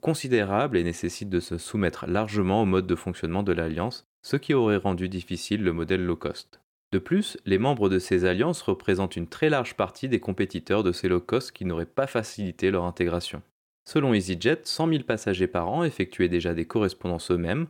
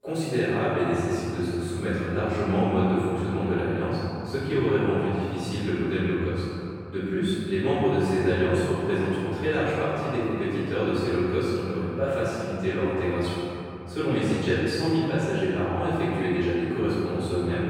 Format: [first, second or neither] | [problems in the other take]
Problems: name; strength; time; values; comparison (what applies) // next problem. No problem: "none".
first | off-mic speech; far // room echo; strong; dies away in 3 s